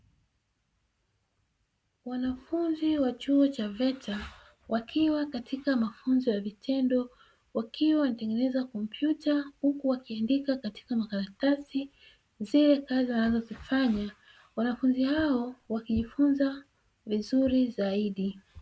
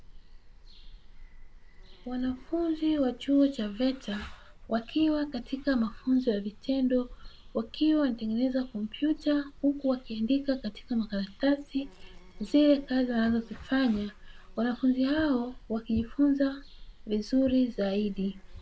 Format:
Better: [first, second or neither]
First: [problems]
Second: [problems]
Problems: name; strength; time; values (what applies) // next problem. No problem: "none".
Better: first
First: none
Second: background sound (Bird vocalization, bird call, bird song); 18 dB below the speech